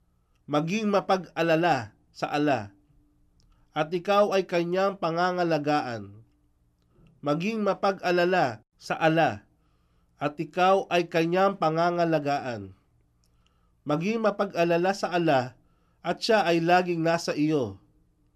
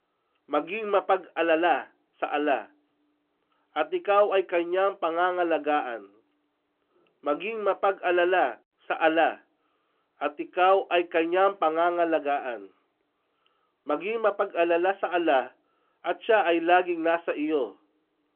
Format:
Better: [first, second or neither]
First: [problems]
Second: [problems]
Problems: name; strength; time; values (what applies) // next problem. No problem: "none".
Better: first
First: none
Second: phone-call audio